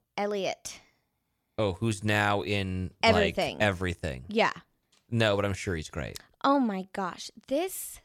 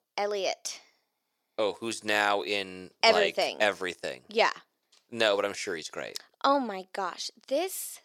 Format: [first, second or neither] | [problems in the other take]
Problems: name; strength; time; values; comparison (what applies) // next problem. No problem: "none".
first | thin; somewhat; fading below 450 Hz